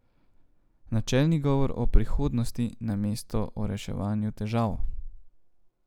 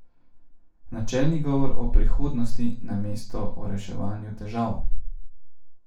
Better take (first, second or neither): first